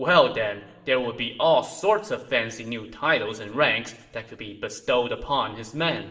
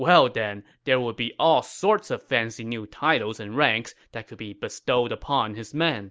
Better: second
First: room echo; dies away in 0.8 s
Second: none

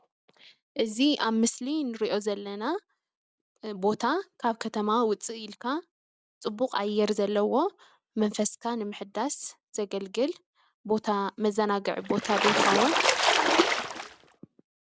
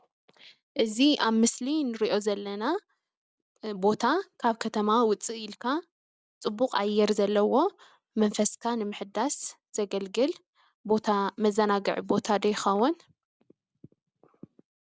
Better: second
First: background sound (Splash, splatter); 4 dB above the speech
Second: none

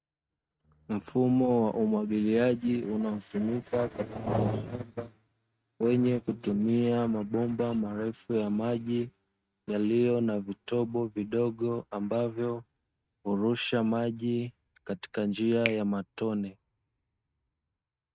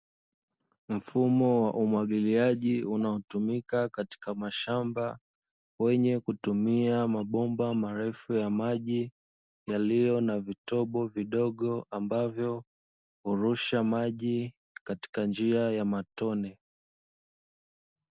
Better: second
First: noise reduction (neural mask model RNNoise)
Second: none

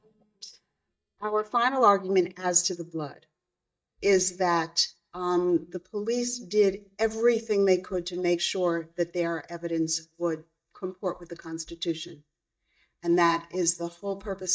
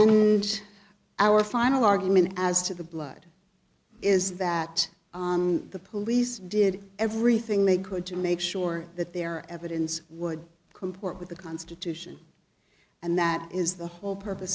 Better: second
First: noise reduction (neural mask model DeepFilterNet 3)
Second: none

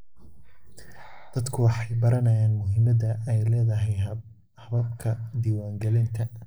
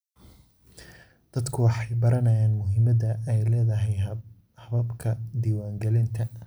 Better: second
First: noise reduction (neural mask model Resemble Enhance denoiser)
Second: none

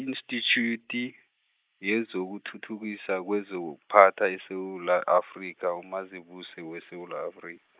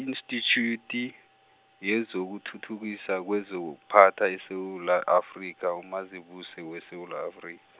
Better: second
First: noise reduction (neural mask model Resemble Enhance denoiser)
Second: none

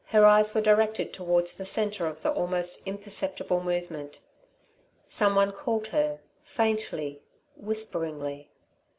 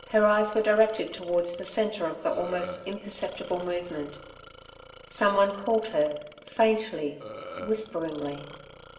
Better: first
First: none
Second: background sound (Burping, eructation); 17 dB below the speech // room echo; dies away in 1 s

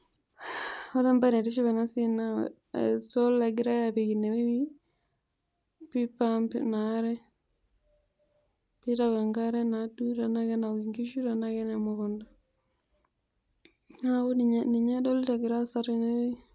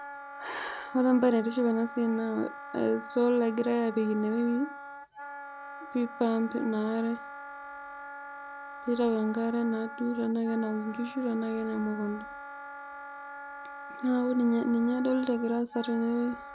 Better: first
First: none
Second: background sound (Wind instrument, woodwind instrument); 13 dB below the speech

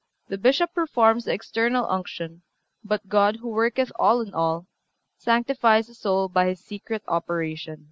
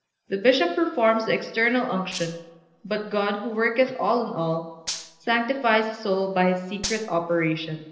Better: first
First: none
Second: noise reduction (neural separator model SepFormer DNS4)

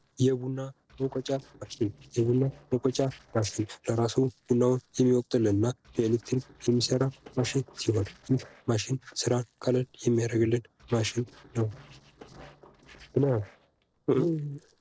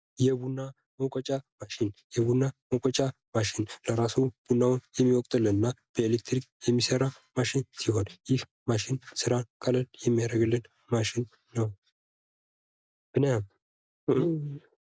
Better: second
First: noise reduction (neural separator model SepFormer DNS4)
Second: none

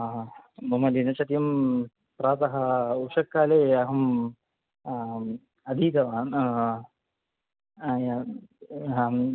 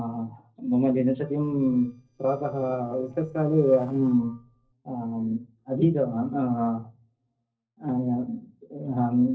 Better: first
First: none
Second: noise reduction (neural separator model SepFormer DNS4)

